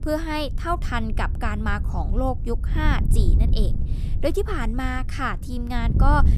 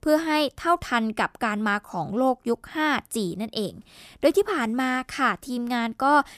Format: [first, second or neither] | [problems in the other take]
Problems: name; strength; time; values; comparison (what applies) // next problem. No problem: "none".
second | wind noise on the microphone; occasional gusts; 15 dB below the speech